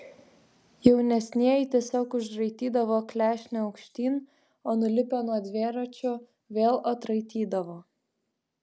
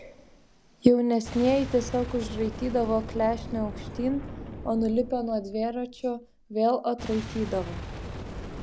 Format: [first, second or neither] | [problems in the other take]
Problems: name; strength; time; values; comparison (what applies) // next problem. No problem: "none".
first | background sound (Boom); 11 dB below the speech